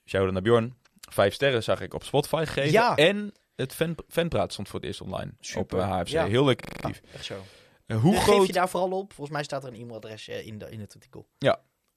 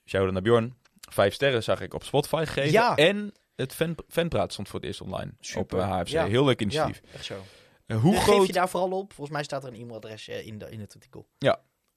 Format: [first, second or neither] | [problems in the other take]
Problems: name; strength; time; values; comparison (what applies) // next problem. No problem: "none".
second | audio freezing; at 6.5 s